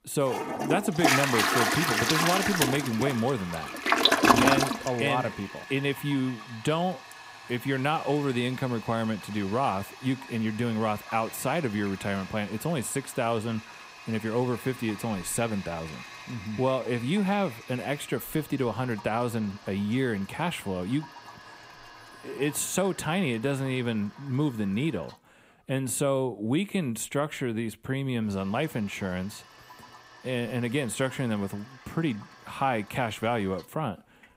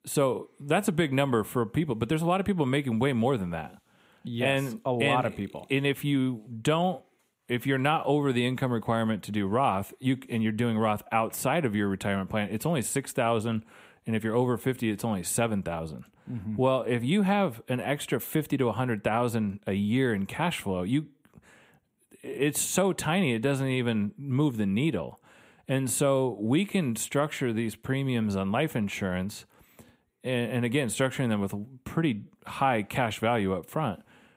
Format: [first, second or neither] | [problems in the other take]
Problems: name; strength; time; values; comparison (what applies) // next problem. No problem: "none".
second | household noises; very loud; throughout; 1 dB above the speech